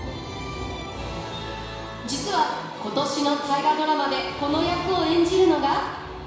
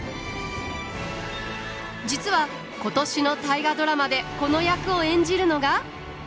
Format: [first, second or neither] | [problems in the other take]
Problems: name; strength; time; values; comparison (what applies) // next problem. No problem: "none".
second | room echo; dies away in 1 s